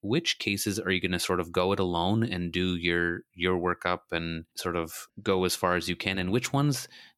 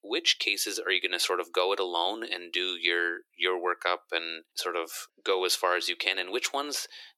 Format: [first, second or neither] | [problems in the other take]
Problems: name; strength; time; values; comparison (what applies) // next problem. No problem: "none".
first | thin; very; fading below 350 Hz